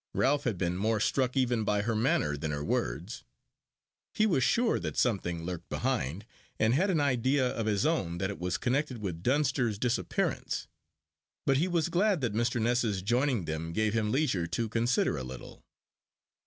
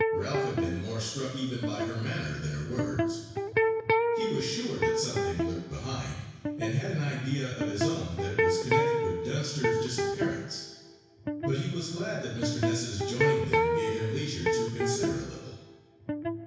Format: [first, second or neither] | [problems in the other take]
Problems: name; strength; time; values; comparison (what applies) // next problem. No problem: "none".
first | background sound (Electric guitar); 3 dB above the speech // room echo; dies away in 1.1 s